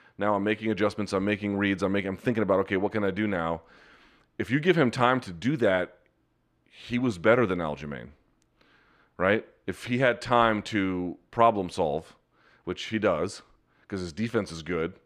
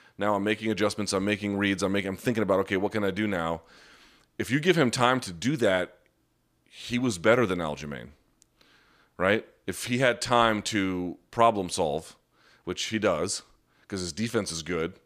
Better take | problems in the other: second | muffled; slightly; fading above 4 kHz

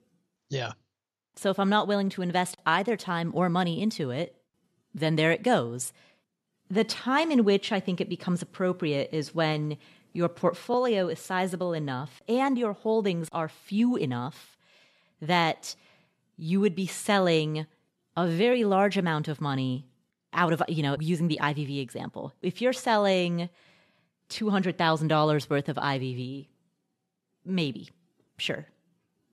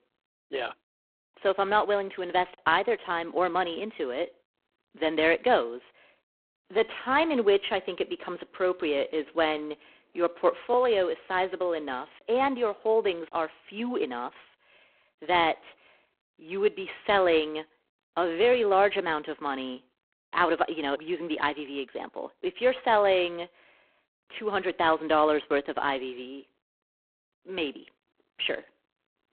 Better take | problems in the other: first | phone-call audio; poor line

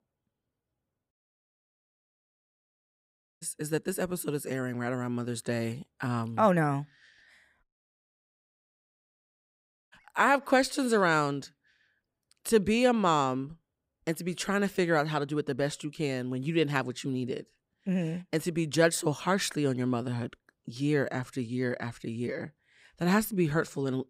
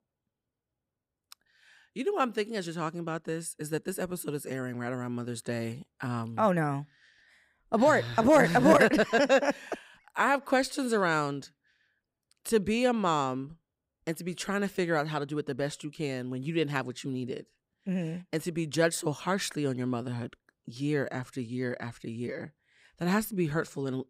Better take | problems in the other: second | audio cutting out; at 1 s for 2.5 s and at 7.5 s for 2.5 s

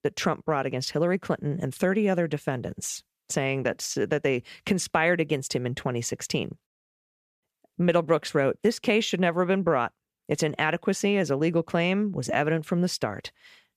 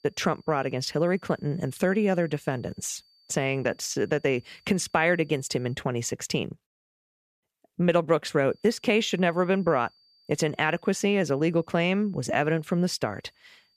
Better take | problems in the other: first | high-pitched whine; faint; until 6 s and from 8.5 s on; 4.5 kHz, 35 dB below the speech

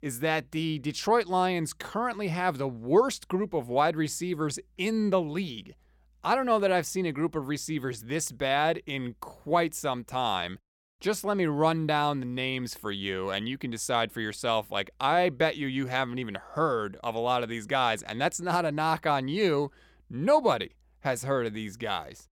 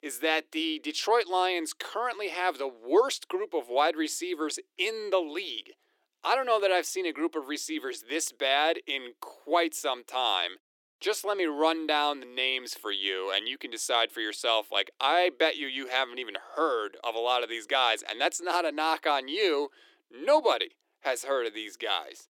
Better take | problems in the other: first | thin; somewhat; fading below 300 Hz

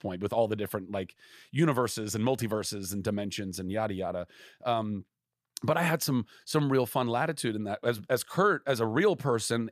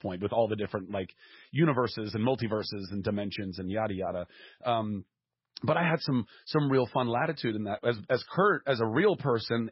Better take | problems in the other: first | garbled, watery; badly; nothing above 5.5 kHz

